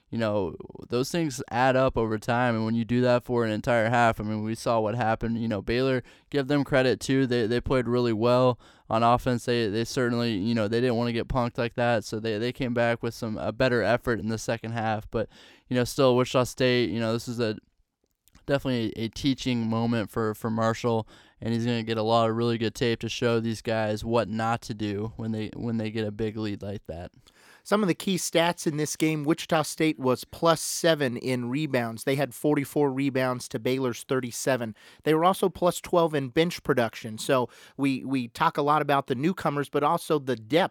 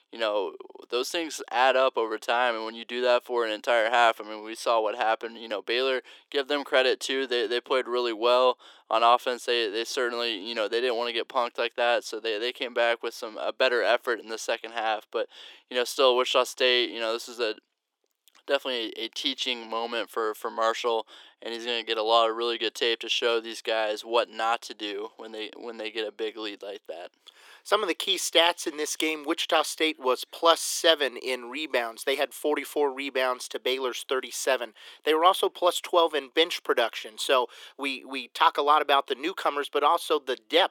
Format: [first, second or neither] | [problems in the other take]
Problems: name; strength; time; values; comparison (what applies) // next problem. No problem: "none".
first | thin; very; fading below 350 Hz